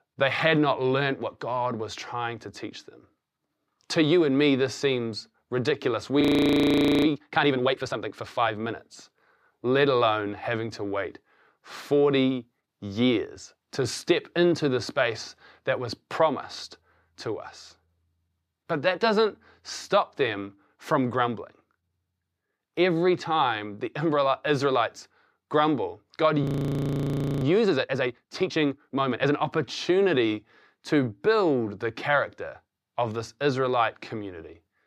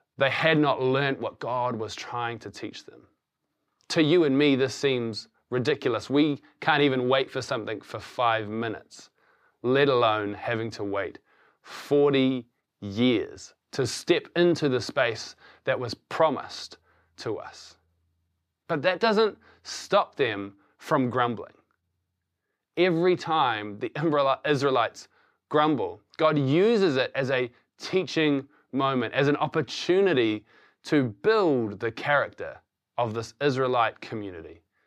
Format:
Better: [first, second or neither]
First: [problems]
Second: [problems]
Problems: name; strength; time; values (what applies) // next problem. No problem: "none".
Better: second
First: audio freezing; at 6 s for 1 s and at 26 s for 1 s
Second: none